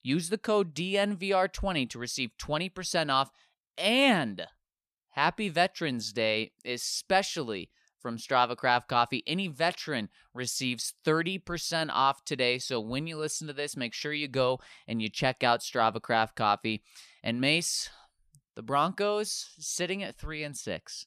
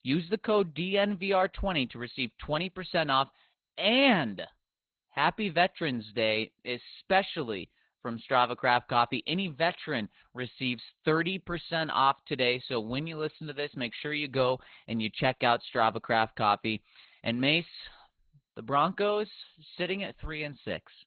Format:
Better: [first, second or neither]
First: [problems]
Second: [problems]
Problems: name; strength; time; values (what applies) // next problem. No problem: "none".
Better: first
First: none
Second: garbled, watery; badly; nothing above 4 kHz